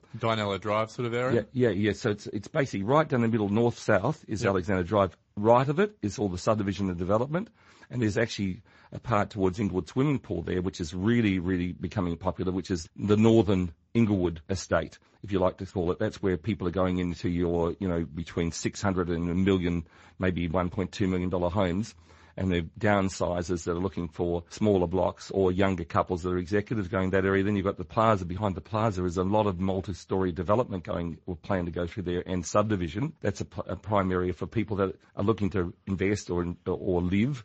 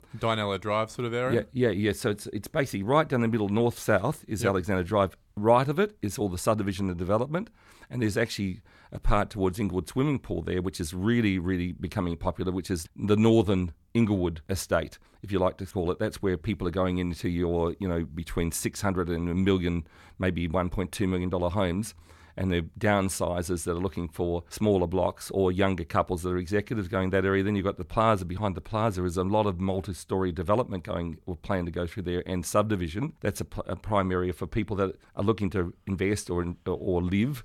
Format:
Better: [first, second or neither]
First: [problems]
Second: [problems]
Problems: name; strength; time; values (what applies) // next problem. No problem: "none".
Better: second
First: garbled, watery; slightly; nothing above 7.5 kHz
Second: none